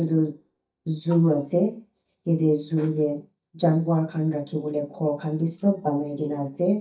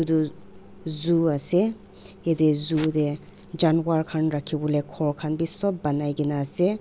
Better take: second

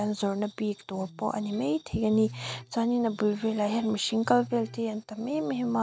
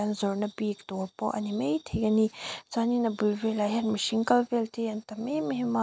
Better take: second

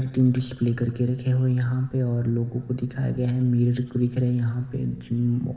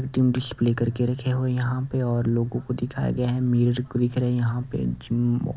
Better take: second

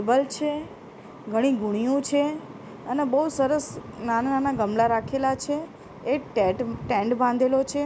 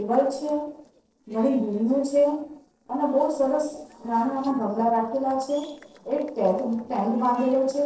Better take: first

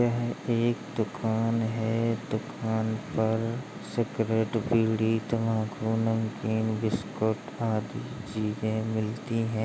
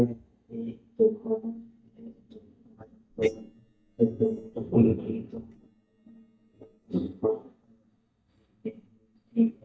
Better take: first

